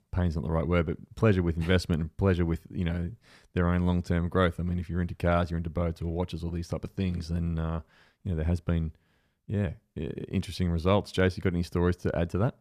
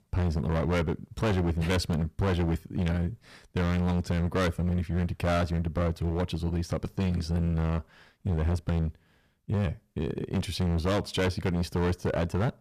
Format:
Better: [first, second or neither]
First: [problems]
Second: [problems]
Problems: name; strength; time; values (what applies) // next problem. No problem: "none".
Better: first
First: none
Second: distortion; heavy; 19% of the sound clipped